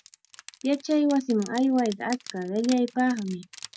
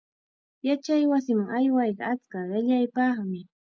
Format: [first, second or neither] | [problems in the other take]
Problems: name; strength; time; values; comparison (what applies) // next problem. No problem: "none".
second | background sound (Crushing); 19 dB below the speech